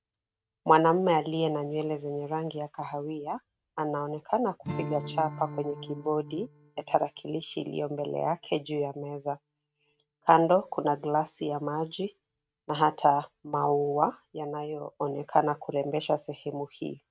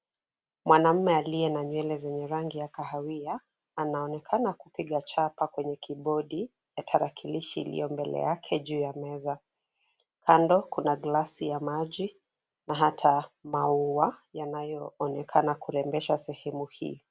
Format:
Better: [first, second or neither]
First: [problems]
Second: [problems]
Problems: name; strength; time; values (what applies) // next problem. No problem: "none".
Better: second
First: noise reduction (neural mask model RNNoise)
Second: none